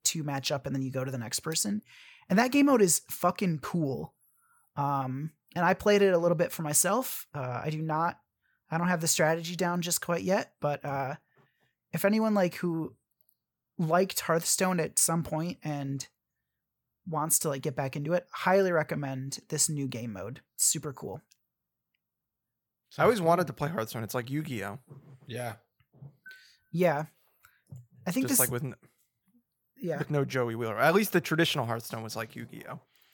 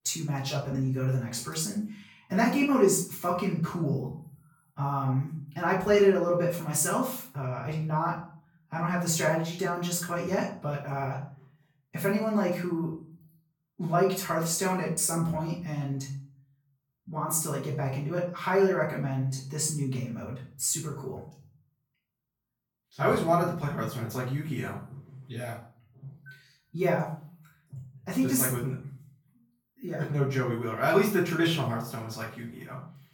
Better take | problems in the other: first | off-mic speech; far // room echo; noticeable; dies away in 0.4 s

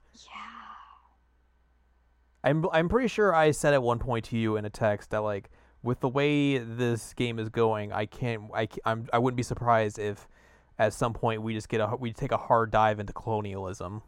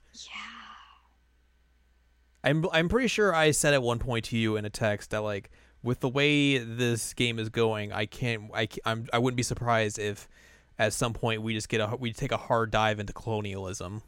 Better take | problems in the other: second | muffled; slightly; fading above 1.5 kHz

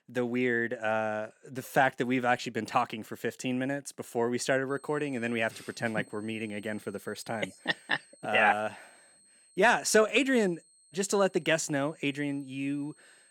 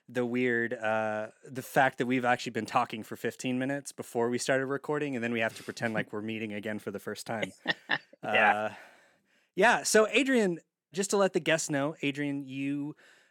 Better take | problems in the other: second | high-pitched whine; faint; from 4.5 s on; 8.5 kHz, 30 dB below the speech

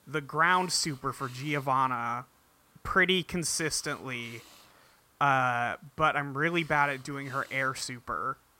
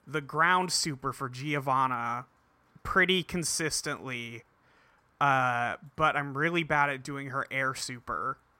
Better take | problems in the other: second | hiss; faint; throughout; 25 dB below the speech

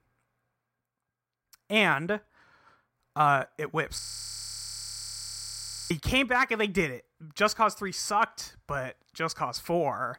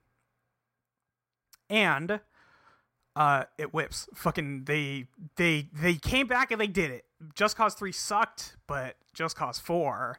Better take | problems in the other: second | audio freezing; at 4 s for 2 s

